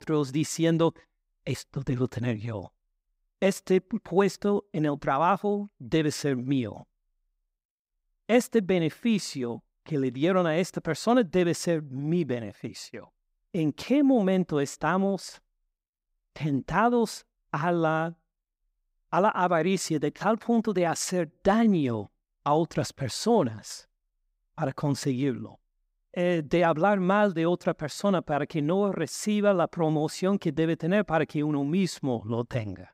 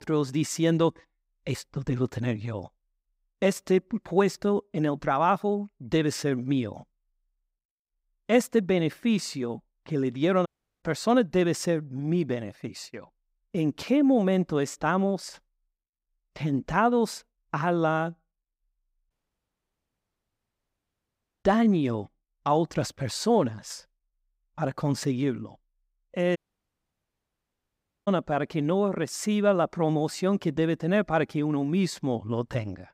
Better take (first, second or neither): first